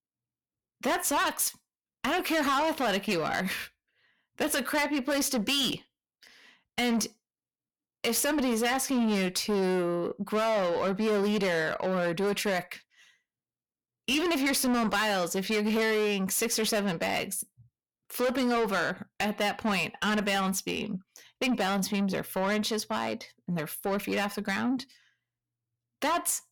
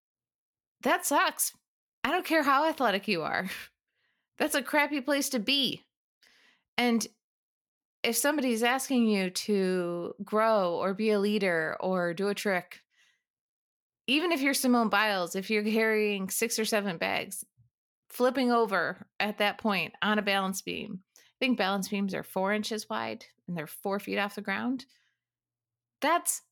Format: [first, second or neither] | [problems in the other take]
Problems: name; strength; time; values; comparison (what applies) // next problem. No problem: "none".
second | distortion; heavy; 8 dB below the speech